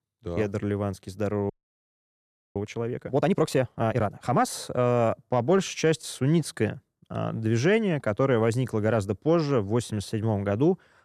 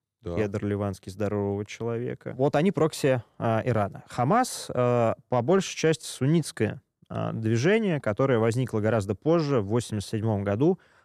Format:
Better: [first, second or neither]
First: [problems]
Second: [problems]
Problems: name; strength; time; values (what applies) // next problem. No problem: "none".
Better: second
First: audio freezing; at 1.5 s for 1 s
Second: none